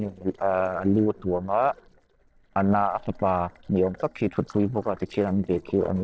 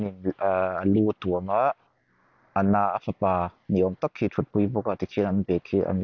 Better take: second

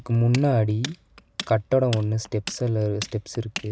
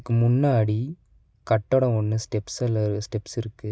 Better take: second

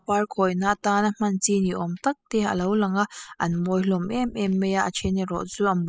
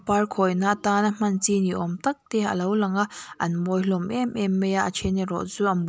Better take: second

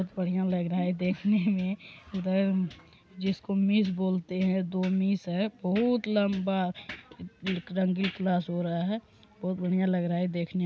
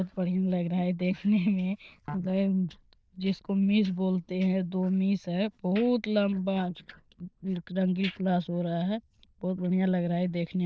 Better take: first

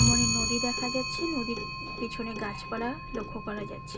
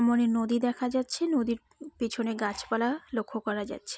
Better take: second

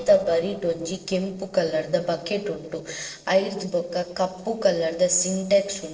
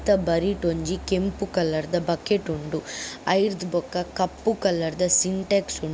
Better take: second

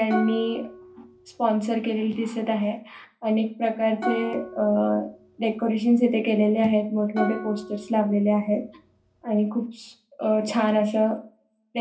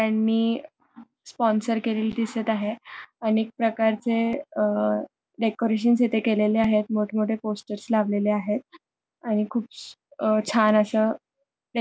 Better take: second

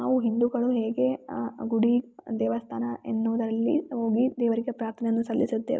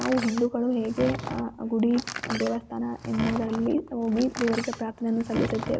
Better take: first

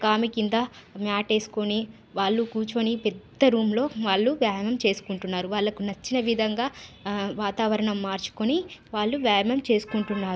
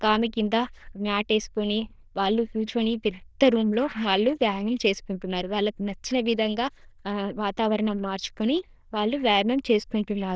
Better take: first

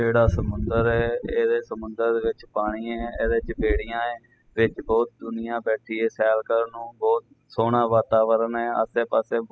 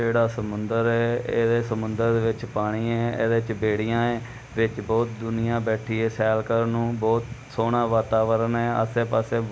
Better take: second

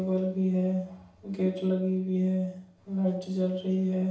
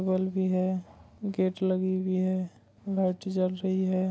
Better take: second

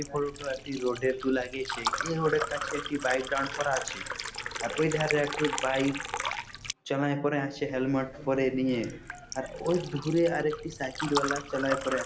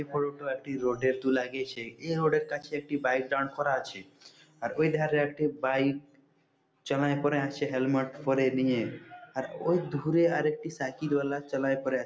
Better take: second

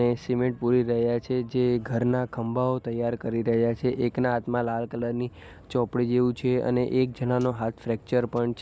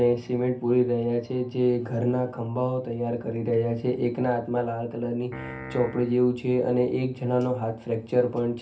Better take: first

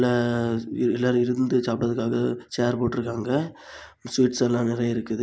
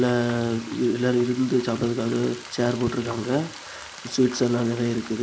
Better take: first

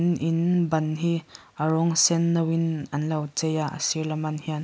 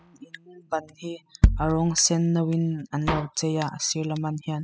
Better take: first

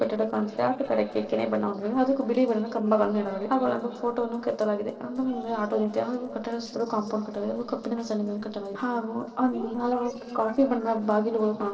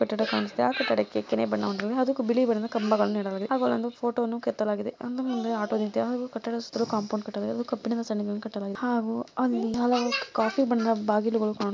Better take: second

